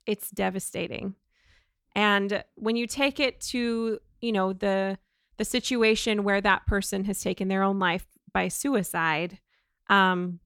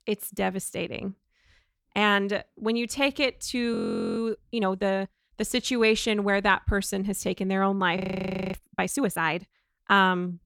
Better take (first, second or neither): first